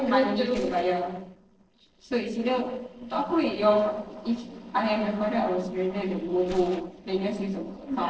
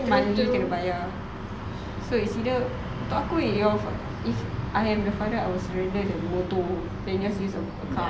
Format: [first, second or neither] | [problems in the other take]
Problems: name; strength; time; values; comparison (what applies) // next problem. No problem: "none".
second | noise reduction (neural separator model SepFormer DNS4)